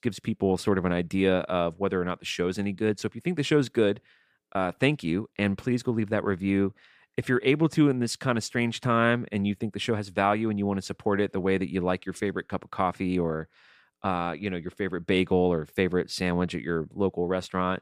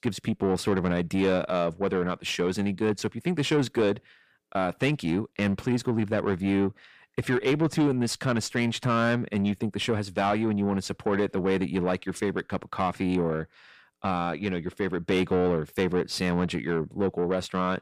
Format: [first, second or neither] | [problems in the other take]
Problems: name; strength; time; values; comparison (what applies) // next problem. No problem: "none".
first | distortion; slight; 10 dB below the speech